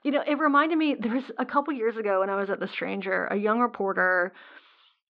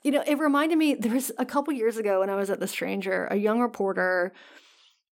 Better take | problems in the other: second | muffled; slightly; fading above 4 kHz

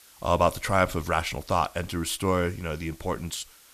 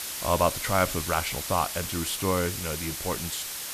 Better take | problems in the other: first | hiss; loud; throughout; 4 dB below the speech; faint in the first

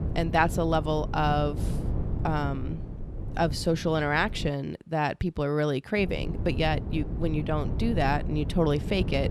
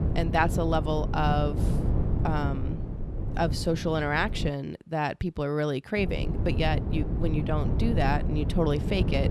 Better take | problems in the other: first | wind noise on the microphone; heavy; until 4.5 s and from 6 s on; 10 dB below the speech; occasional gusts in the first

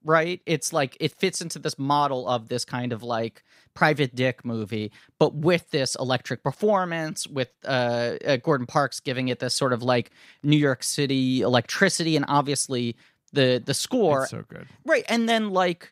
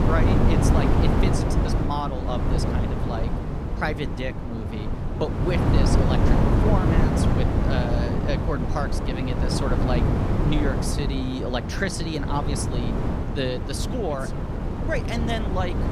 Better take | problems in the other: first | wind noise on the microphone; heavy; as loud as the speech

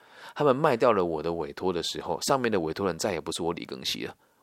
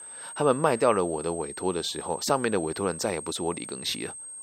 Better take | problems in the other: first | high-pitched whine; noticeable; throughout; 8.5 kHz, 10 dB below the speech

